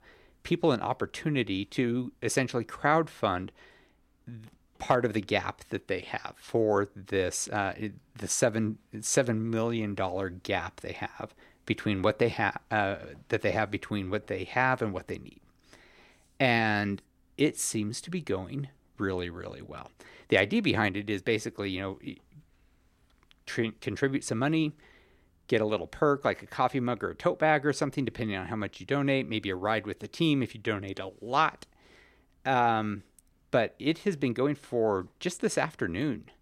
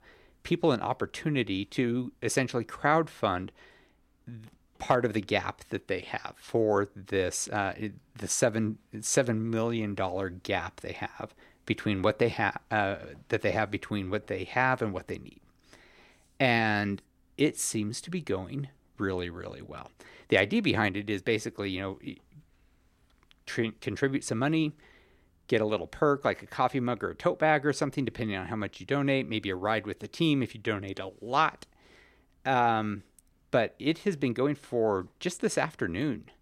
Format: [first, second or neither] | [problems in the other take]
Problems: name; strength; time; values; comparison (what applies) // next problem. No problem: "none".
neither | none